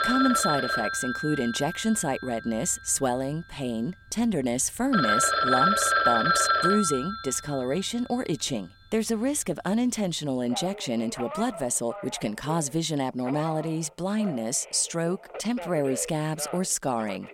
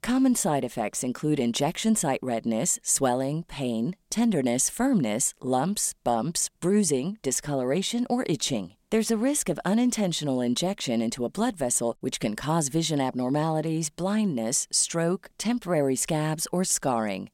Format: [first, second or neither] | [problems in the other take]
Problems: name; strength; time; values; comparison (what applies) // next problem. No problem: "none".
second | alarms or sirens; very loud; throughout; 1 dB above the speech